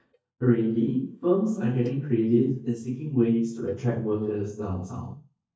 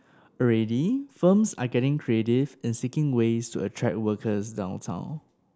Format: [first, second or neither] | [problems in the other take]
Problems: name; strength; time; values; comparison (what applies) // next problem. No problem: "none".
second | noise reduction (neural mask model DeepFilterNet 3)